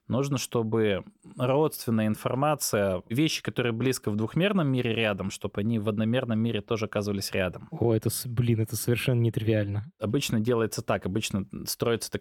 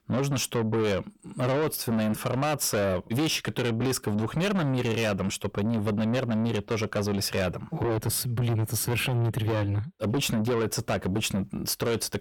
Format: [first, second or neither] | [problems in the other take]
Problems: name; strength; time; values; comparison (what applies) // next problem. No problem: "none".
first | distortion; heavy; 7 dB below the speech